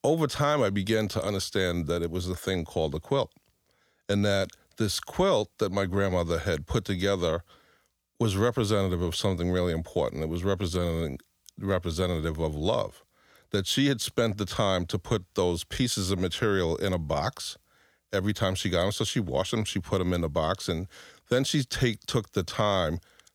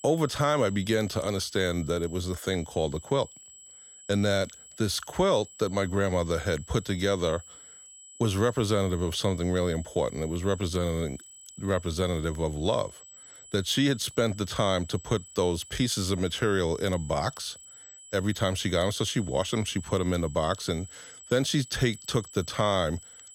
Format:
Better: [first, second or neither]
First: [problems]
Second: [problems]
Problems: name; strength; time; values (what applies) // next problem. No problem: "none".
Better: first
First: none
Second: high-pitched whine; noticeable; throughout; 8 kHz, 20 dB below the speech